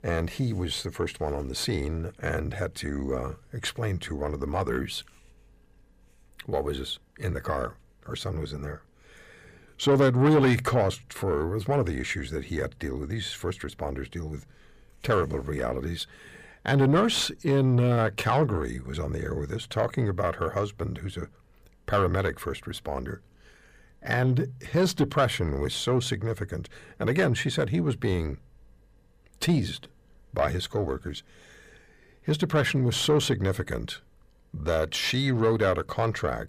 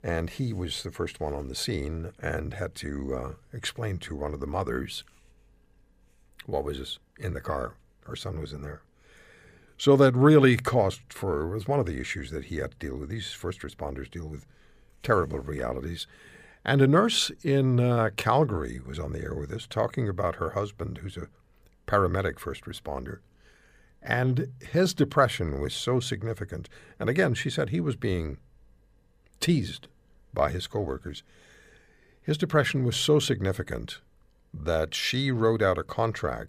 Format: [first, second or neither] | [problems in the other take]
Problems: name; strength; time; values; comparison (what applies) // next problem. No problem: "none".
second | distortion; slight; 10 dB below the speech